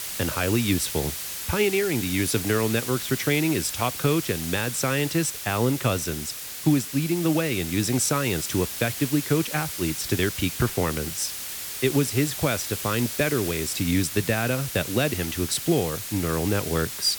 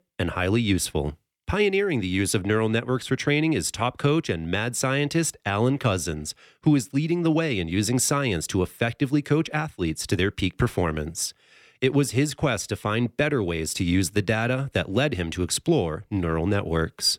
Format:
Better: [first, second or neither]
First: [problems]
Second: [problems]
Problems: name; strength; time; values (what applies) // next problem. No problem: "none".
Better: second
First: hiss; loud; throughout; 6 dB below the speech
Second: none